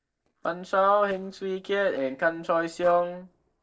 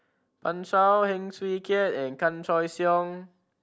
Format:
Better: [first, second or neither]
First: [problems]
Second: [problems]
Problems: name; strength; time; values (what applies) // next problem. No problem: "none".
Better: second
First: noise reduction (neural separator model SepFormer DNS4)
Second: none